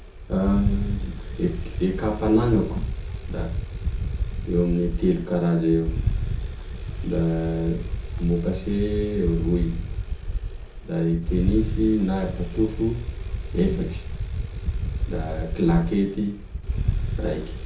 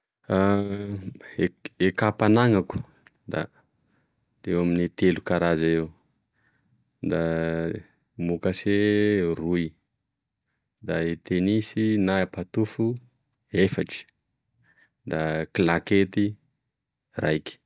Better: second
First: background sound (Bicycle); 2 dB below the speech // room echo; dies away in 0.6 s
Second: none

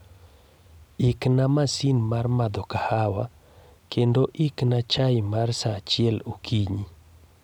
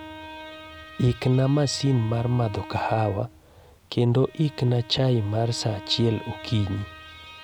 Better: first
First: none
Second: background sound (Bowed string instrument); 18 dB below the speech

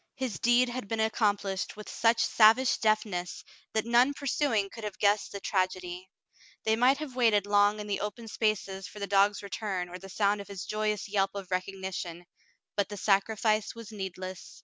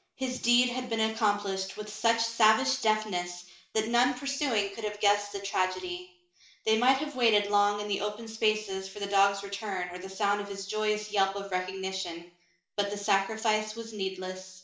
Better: first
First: none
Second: room echo; dies away in 0.5 s

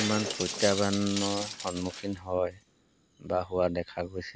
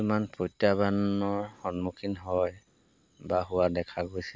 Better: second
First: background sound (Shatter); 8 dB below the speech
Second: none

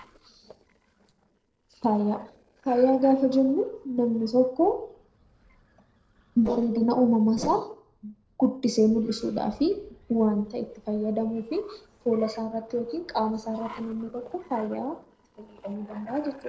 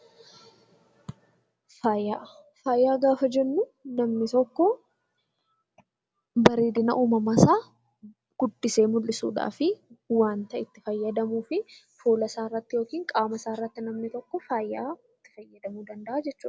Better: second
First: noise reduction (neural separator model SepFormer DNS4)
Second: none

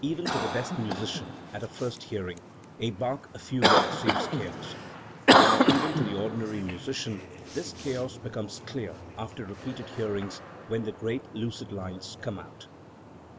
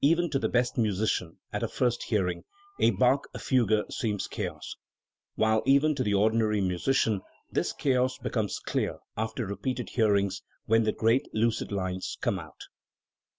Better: second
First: background sound (Cough); 4 dB above the speech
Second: none

